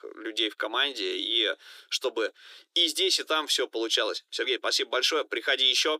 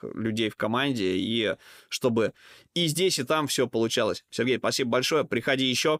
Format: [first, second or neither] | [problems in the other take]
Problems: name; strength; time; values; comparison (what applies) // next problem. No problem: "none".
second | thin; very; fading below 300 Hz